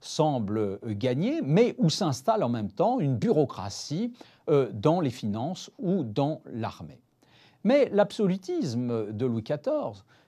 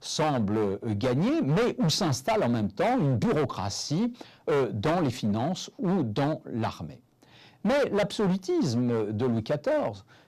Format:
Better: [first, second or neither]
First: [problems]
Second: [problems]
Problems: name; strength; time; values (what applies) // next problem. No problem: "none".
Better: first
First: none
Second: distortion; heavy; 17% of the sound clipped